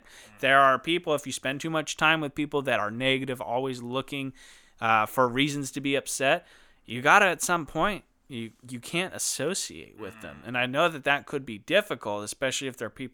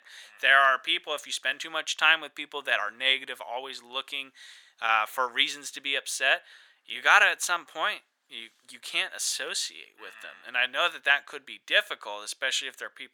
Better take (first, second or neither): first